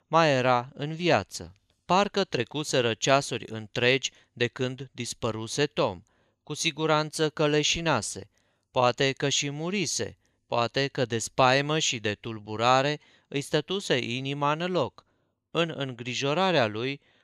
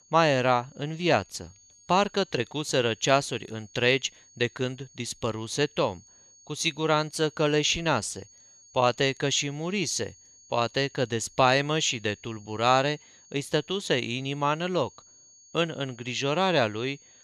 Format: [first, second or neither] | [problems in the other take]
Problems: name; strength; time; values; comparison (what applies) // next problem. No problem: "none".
first | high-pitched whine; faint; throughout; 6.5 kHz, 25 dB below the speech